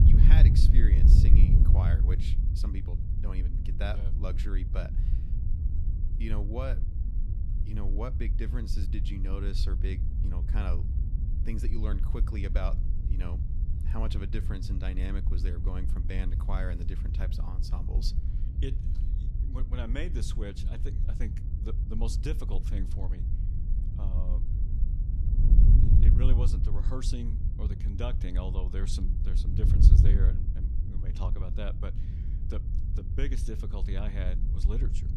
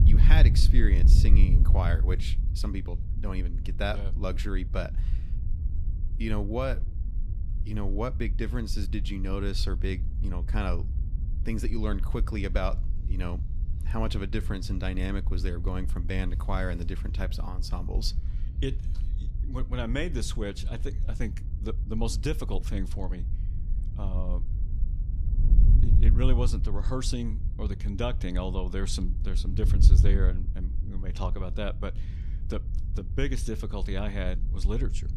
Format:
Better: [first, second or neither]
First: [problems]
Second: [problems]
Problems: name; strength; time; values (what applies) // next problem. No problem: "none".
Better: second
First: wind noise on the microphone; heavy; 3 dB below the speech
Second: wind noise on the microphone; occasional gusts; 10 dB below the speech